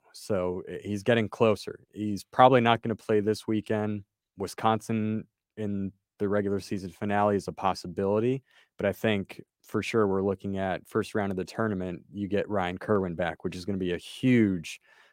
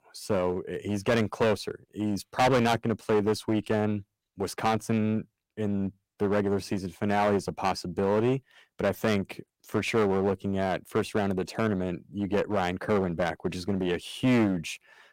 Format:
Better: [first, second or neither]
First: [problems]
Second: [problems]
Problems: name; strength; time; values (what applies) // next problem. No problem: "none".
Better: first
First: none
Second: distortion; heavy; 8% of the sound clipped